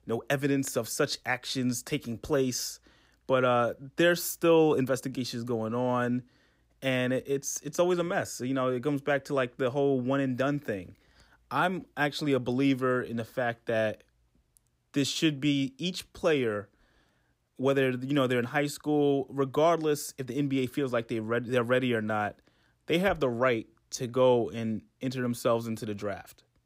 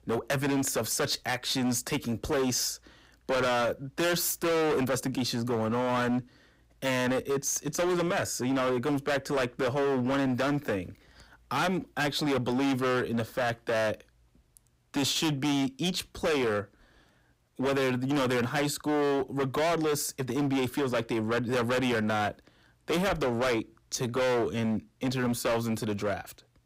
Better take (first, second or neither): first